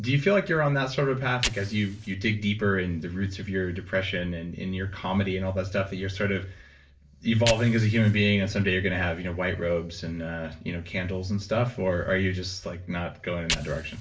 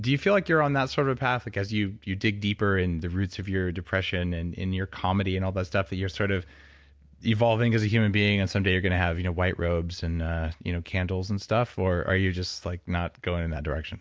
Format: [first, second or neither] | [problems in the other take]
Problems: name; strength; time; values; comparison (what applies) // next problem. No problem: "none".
second | background sound (Fire); 15 dB below the speech // room echo; dies away in 0.3 s